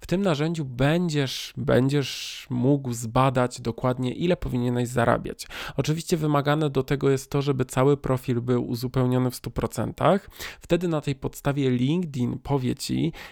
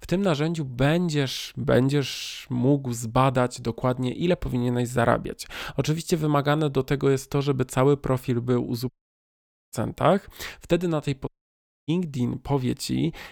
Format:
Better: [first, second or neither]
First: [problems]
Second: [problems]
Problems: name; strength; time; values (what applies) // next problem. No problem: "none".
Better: first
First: none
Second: audio cutting out; at 9 s for 1 s and at 11 s for 0.5 s